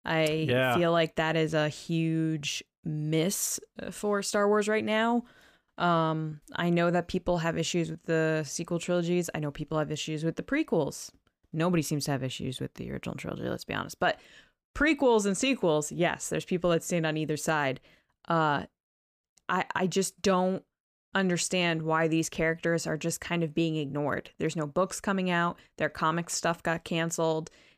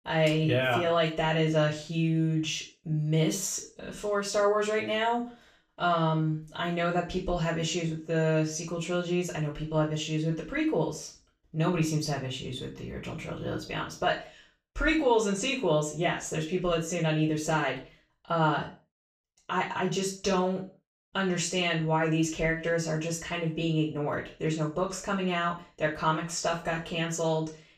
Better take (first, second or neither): first